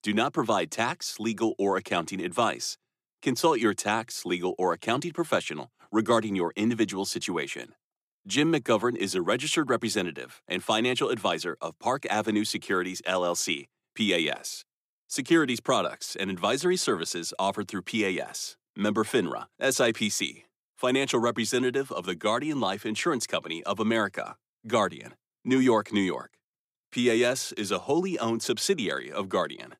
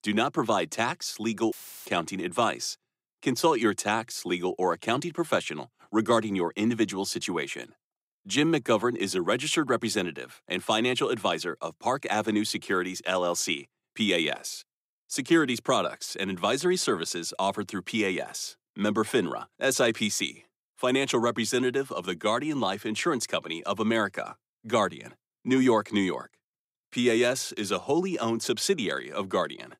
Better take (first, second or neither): first